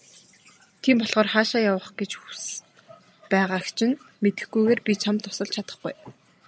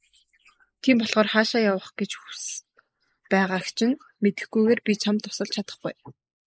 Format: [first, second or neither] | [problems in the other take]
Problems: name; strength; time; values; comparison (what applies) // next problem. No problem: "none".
first | noise reduction (neural mask model Resemble Enhance denoiser)